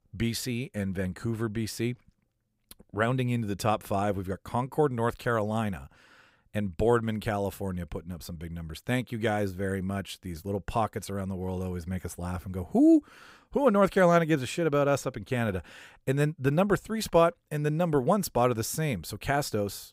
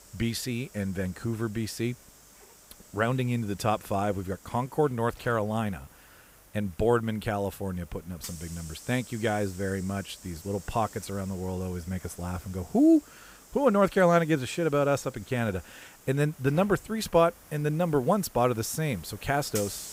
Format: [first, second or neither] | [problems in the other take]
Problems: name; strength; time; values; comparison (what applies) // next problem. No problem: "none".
first | hiss; noticeable; throughout; 20 dB below the speech